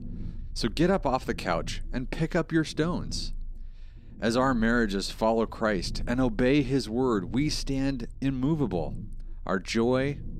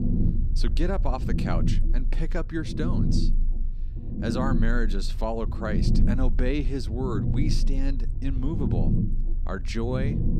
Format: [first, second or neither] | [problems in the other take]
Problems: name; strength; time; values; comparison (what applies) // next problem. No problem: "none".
first | low rumble; loud; throughout; 5 dB below the speech; faint in the first